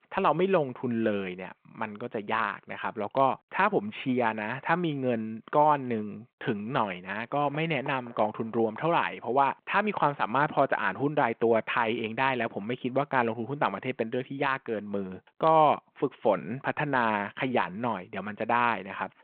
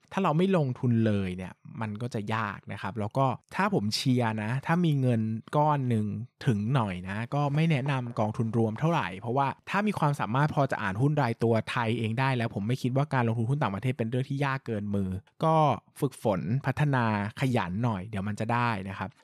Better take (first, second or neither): second